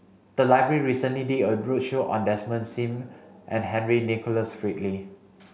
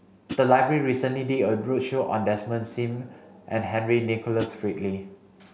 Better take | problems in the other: first | background sound (Hi-hat); 11 dB below the speech

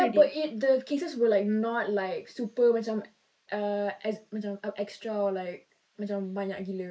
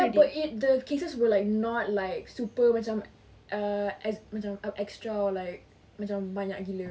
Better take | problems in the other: second | noise reduction (neural mask model Resemble Enhance denoiser)

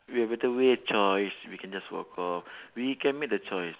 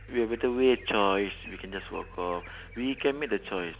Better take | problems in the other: first | background sound (Vehicle + Bird vocalization, bird call, bird song); 18 dB below the speech

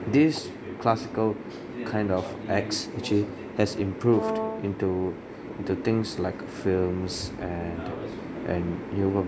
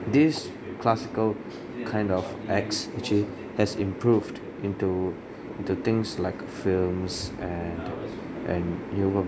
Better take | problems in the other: second | background sound (Brass instrument); 4 dB below the speech

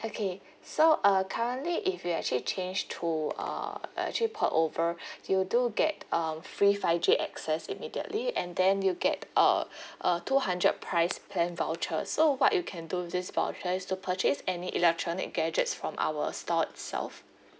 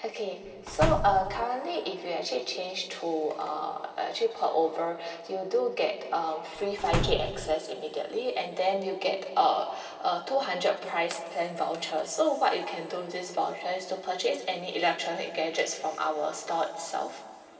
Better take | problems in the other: first | background sound (Slam); 2 dB below the speech // room echo; dies away in 2.7 s

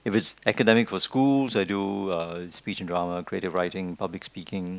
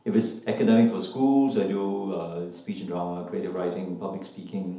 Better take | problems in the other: first | room echo; dies away in 2.2 s

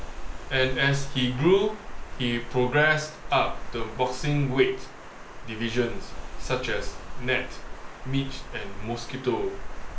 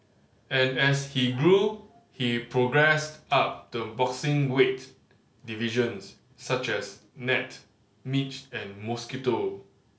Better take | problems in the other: second | background sound (Water); 5 dB below the speech

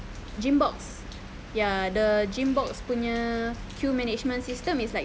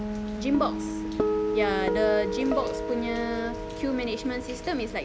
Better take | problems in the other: first | background sound (Guitar); 1 dB below the speech

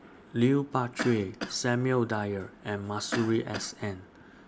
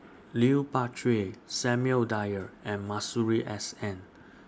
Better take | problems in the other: second | background sound (Cough); 10 dB below the speech

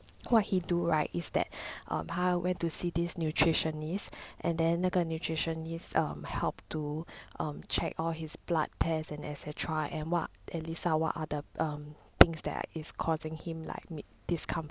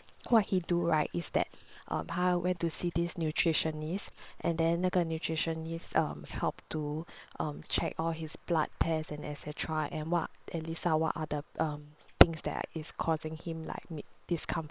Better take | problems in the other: first | noise reduction (neural separator model SepFormer WHAM!)

